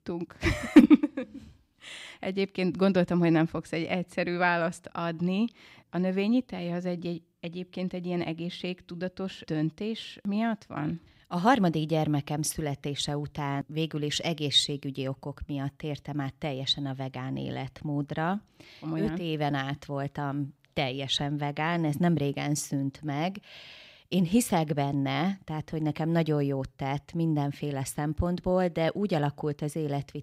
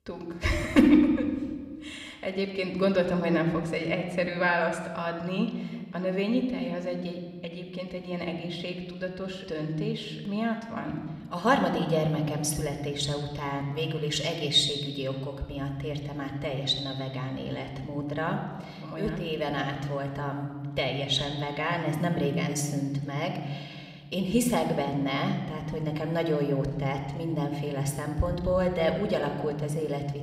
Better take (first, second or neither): first